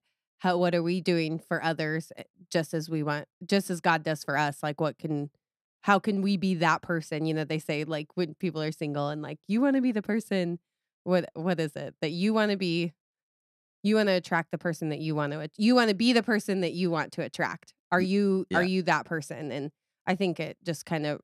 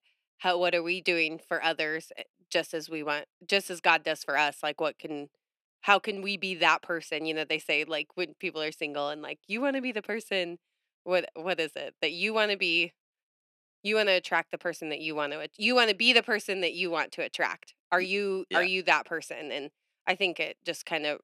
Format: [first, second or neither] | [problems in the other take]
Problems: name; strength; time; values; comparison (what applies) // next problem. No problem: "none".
first | thin; somewhat; fading below 450 Hz